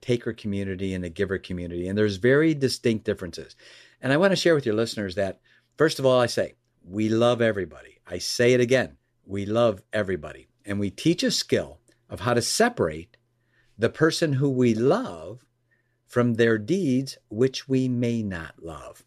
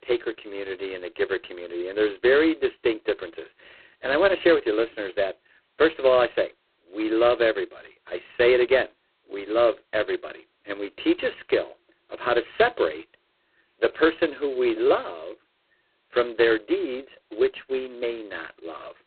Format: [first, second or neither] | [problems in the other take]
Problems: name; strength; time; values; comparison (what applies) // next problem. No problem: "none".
first | phone-call audio; poor line; nothing above 4 kHz